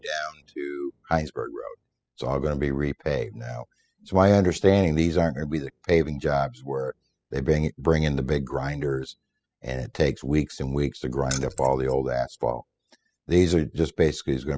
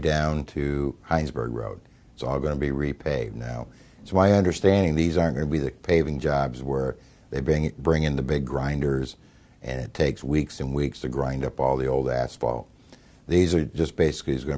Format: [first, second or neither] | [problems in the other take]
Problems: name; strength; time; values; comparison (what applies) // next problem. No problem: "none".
second | noise reduction (classical method spectral subtraction)